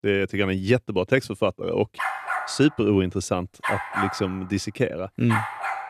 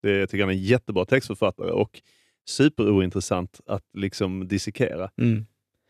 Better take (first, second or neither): second